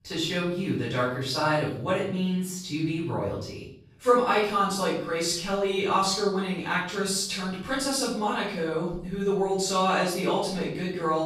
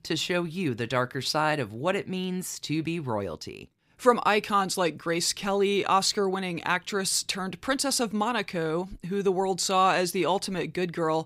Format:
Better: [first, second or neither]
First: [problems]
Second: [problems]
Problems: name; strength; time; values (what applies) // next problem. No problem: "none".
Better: second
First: off-mic speech; far // room echo; noticeable; dies away in 0.6 s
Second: none